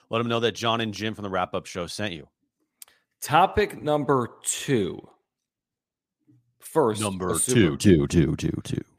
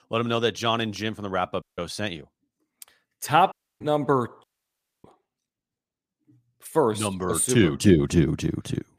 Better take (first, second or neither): first